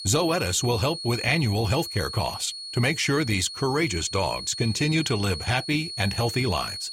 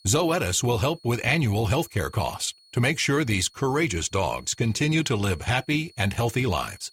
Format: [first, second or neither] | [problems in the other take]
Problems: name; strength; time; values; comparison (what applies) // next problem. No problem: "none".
second | high-pitched whine; loud; throughout; 4.5 kHz, 8 dB below the speech; faint in the second